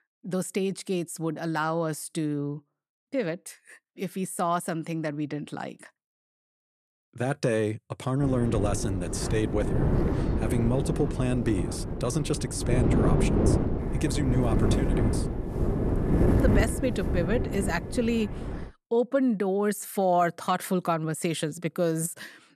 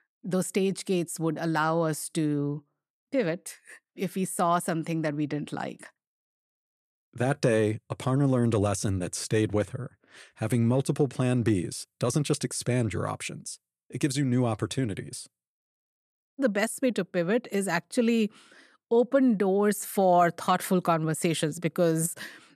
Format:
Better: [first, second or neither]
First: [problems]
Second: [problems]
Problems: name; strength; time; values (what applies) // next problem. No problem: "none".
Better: second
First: wind noise on the microphone; heavy; from 8.5 to 19 s; 3 dB below the speech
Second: none